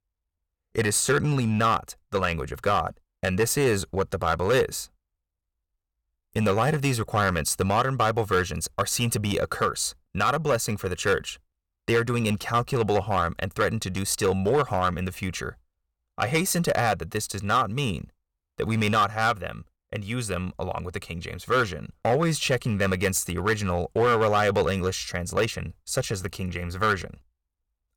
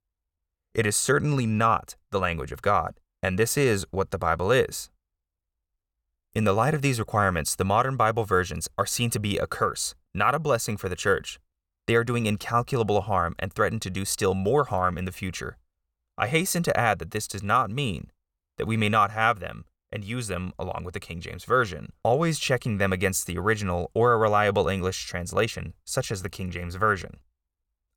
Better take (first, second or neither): second